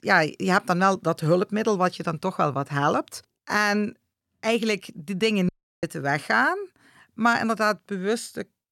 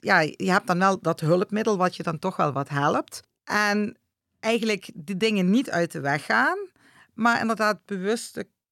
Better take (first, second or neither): second